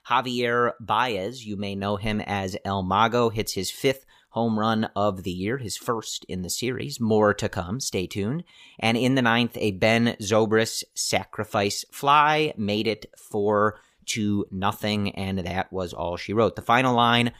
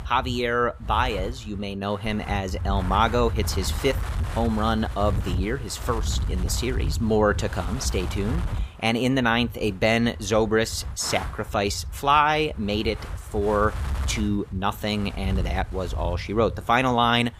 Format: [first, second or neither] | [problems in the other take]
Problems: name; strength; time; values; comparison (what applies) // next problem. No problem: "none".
first | wind noise on the microphone; occasional gusts; 15 dB below the speech